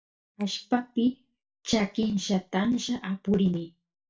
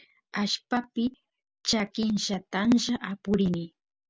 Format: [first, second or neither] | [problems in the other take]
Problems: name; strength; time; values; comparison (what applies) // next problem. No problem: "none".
second | noise reduction (neural mask model DeepFilterNet 3)